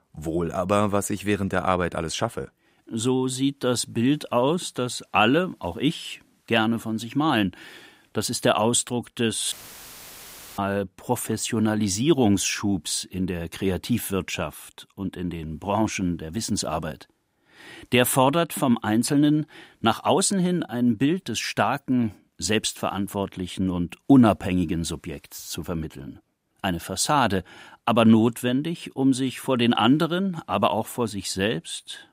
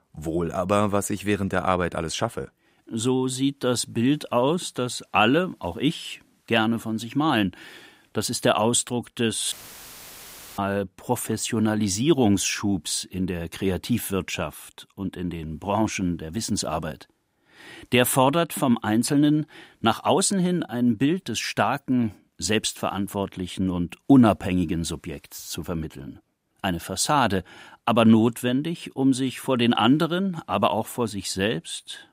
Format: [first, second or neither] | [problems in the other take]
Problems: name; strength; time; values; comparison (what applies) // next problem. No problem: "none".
neither | audio cutting out; filled with static; at 9.5 s for 1 s; the same in both